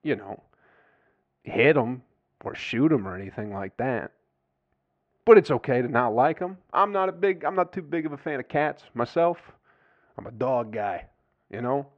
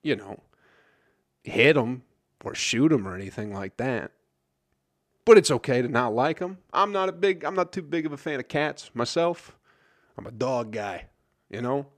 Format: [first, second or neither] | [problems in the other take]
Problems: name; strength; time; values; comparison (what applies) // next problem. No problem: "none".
second | muffled; very; fading above 2 kHz